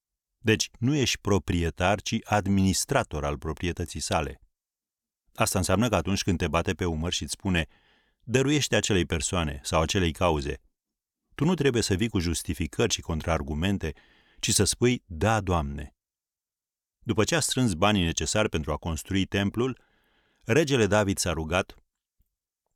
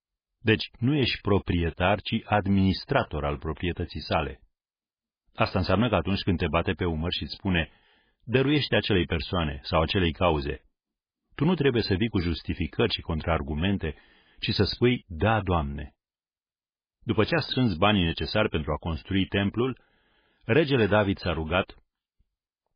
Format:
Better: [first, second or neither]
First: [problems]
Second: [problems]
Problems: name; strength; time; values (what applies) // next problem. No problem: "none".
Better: first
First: none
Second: garbled, watery; badly; nothing above 4 kHz